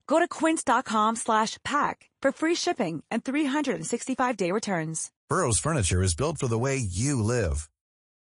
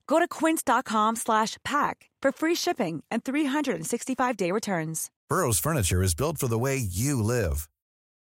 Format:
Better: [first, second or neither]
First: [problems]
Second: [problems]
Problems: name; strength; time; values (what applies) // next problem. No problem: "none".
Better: second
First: garbled, watery; slightly; nothing above 10.5 kHz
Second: none